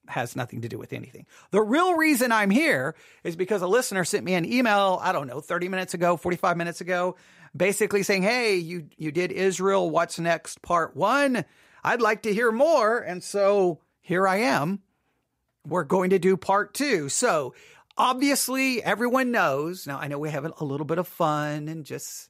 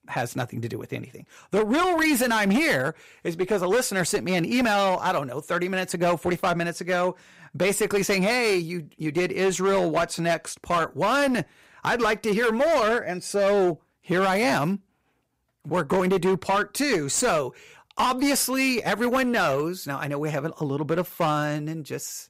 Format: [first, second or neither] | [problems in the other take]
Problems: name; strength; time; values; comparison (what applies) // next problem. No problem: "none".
first | distortion; slight; 12% of the sound clipped